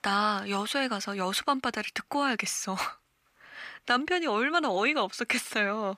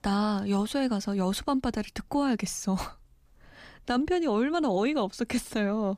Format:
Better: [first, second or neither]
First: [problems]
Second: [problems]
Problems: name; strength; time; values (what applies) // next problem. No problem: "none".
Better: second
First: thin; somewhat; fading below 1 kHz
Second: none